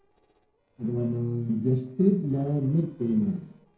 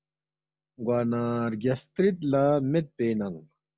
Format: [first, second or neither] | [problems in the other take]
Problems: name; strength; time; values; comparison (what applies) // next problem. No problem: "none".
second | noise reduction (neural separator model SepFormer DNS4)